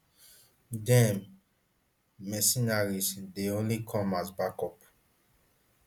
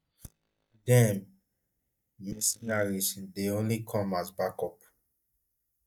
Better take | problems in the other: first | noise reduction (neural mask model DeepFilterNet 3)

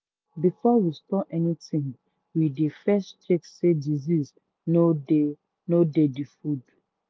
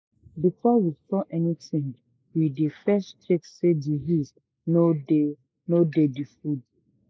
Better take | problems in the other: first | noise reduction (neural mask model Resemble Enhance denoiser)

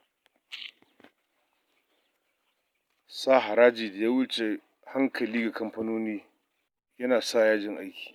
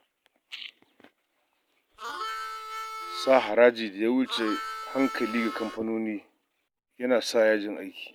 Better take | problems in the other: first | background sound (Harmonica); 8 dB below the speech

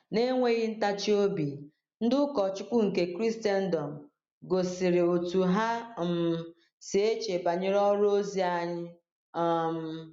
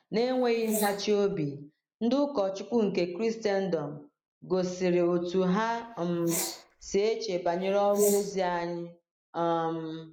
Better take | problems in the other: first | noise reduction (neural mask model Resemble Enhance denoiser)

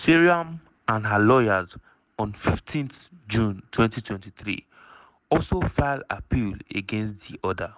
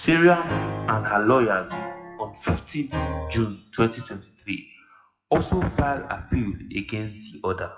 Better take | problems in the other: first | noise reduction (classical method WPE with log-MMSE)

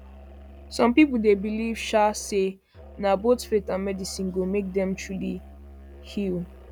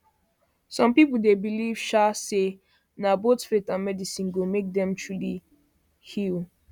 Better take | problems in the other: second | background sound (Musical instrument); 19 dB below the speech

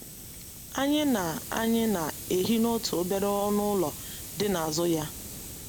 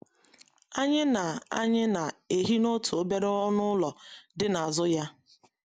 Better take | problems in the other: second | background sound (Hiss); 11 dB below the speech

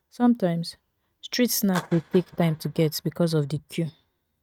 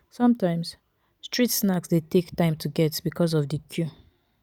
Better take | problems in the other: second | noise reduction (neural mask model RNNoise)

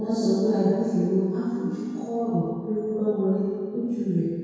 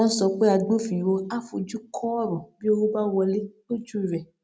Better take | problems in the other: second | room echo; dies away in 2 s

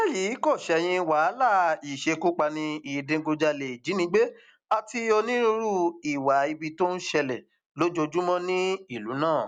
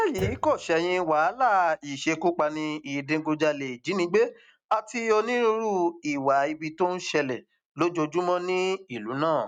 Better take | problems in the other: first | noise reduction (neural mask model RNNoise)

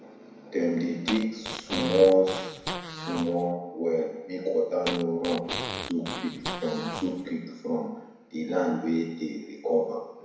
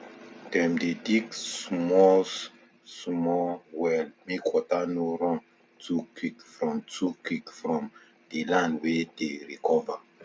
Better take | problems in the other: second | background sound (Fart); 7 dB below the speech // room echo; dies away in 1 s

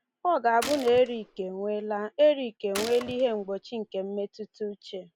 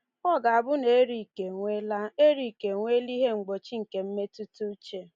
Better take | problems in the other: second | background sound (Gunshot, gunfire); 13 dB below the speech

